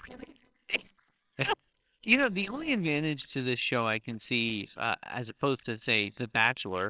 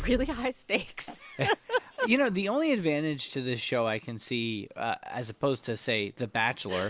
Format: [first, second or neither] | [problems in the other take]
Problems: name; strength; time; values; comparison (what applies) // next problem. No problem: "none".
second | noise reduction (neural separator model SepFormer WHAMR!)